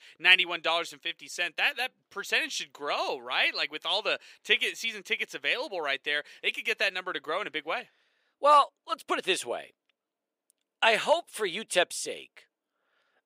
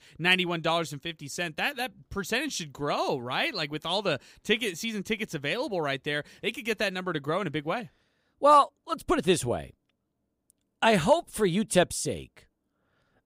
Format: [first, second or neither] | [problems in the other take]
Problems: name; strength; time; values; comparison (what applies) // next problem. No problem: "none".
second | thin; very; fading below 500 Hz